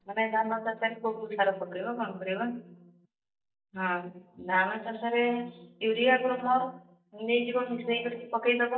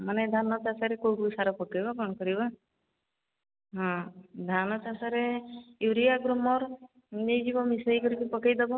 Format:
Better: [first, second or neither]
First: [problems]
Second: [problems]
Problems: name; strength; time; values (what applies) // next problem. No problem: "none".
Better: second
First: noise reduction (neural mask model DeepFilterNet 3)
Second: none